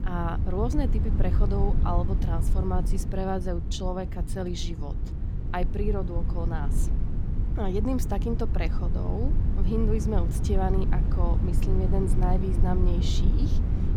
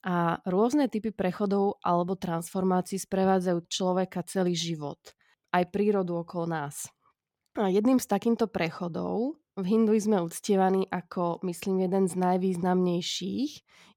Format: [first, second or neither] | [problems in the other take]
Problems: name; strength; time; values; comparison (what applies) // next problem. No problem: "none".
second | low rumble; loud; throughout; 7 dB below the speech